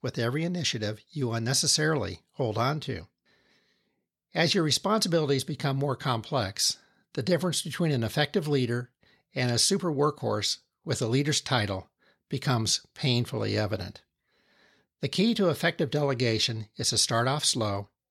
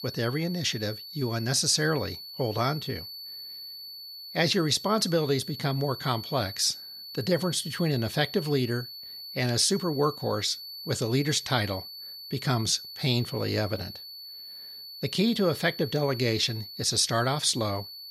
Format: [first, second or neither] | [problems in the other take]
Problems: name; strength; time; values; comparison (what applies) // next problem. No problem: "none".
first | high-pitched whine; noticeable; throughout; 4.5 kHz, 10 dB below the speech